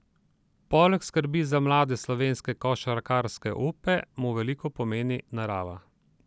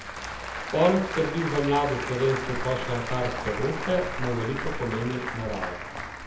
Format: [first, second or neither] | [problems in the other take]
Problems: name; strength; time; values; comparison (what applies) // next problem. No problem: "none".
first | background sound (Applause / Crowd); 5 dB below the speech // room echo; dies away in 0.7 s